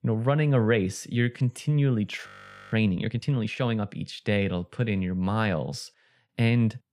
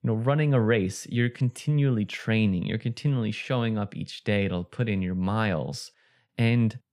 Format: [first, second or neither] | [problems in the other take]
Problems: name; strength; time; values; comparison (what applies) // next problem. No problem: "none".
second | audio freezing; at 2.5 s